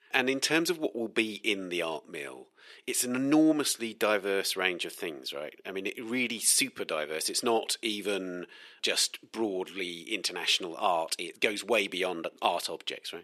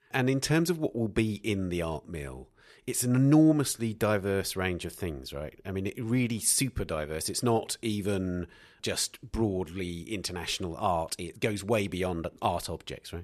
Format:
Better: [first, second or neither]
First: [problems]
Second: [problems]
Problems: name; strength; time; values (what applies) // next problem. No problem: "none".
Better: second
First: thin; somewhat; fading below 300 Hz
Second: none